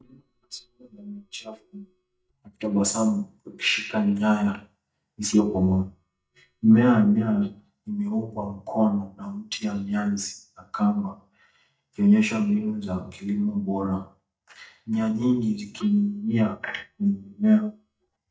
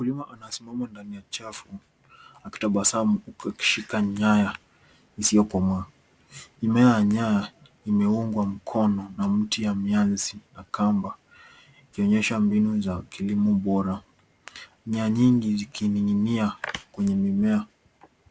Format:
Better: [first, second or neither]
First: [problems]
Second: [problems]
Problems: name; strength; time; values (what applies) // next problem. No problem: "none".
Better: second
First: noise reduction (neural mask model DeepFilterNet 3)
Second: none